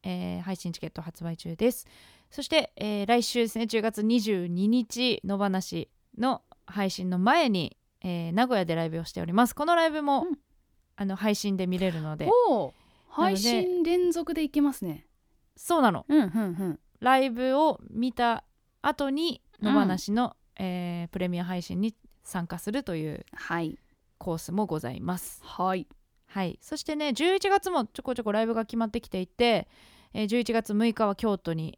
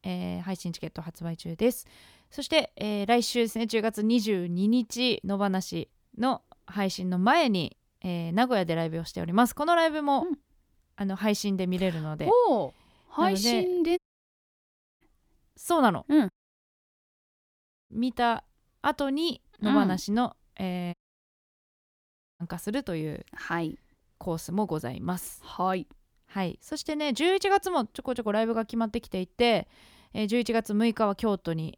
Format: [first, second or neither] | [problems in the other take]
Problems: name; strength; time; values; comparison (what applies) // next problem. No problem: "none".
first | audio cutting out; at 14 s for 1 s, at 16 s for 1.5 s and at 21 s for 1.5 s